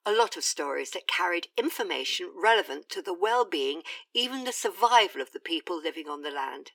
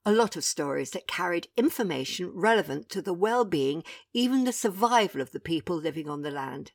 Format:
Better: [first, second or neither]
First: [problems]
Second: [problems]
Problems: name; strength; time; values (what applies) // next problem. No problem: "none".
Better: second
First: thin; somewhat; fading below 300 Hz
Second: none